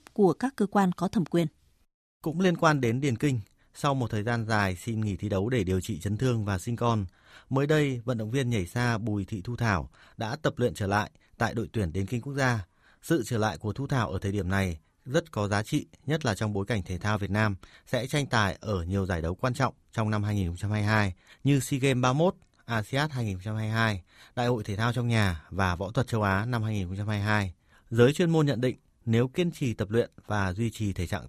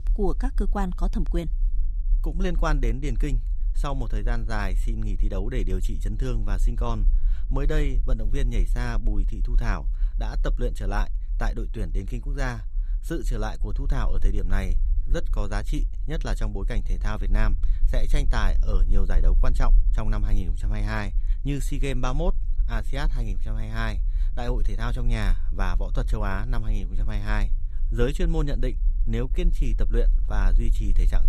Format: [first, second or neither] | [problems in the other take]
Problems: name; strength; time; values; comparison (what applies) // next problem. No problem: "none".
first | low rumble; noticeable; throughout; 20 dB below the speech